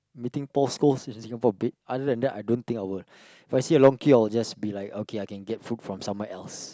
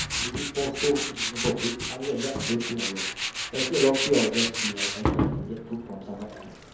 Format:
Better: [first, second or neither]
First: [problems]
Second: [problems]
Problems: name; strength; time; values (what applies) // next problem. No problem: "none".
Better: first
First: none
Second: background sound (Tools); 1 dB below the speech // room echo; dies away in 2.2 s